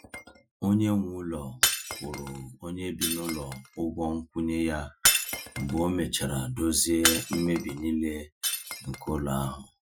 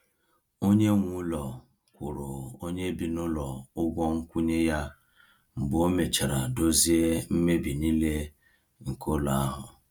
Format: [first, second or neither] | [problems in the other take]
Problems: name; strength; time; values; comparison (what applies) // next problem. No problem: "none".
second | noise reduction (classical method Wiener filter)